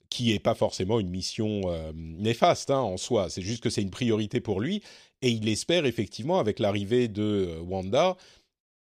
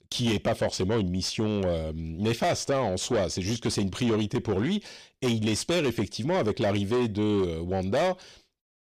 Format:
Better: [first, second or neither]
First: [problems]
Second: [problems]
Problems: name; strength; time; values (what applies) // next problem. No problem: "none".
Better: first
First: none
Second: distortion; heavy; 8 dB below the speech